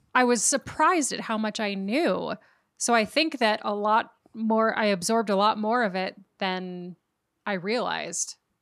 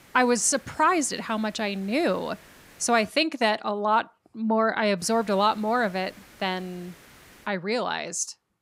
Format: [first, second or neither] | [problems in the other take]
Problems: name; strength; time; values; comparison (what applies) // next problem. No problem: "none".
first | hiss; faint; until 3 s and from 5 to 7.5 s; 25 dB below the speech